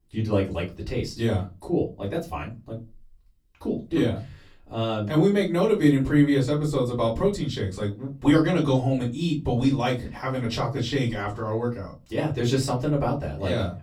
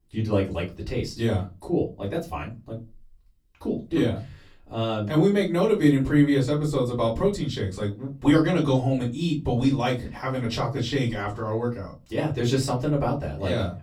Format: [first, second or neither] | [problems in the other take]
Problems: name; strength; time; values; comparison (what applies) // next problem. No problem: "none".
neither | off-mic speech; far; the same in both // room echo; very slight; dies away in 0.2 s; the same in both